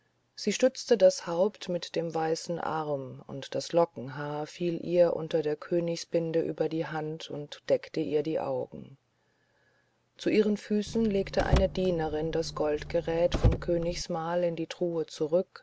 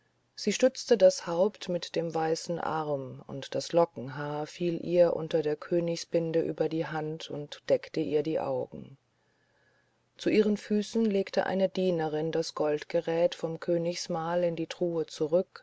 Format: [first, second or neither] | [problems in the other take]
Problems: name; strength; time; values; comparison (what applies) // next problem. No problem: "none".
second | background sound (Car); 2 dB below the speech